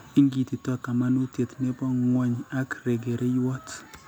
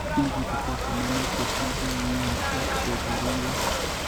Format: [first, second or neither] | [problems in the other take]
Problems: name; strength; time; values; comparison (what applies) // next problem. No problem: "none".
first | background sound (Ocean / Boat, Water vehicle); 4 dB above the speech